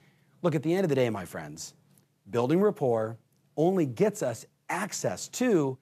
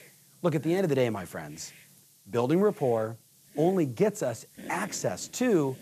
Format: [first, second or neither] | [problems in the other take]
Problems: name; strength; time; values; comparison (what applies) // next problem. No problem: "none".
first | hiss; faint; throughout; 20 dB below the speech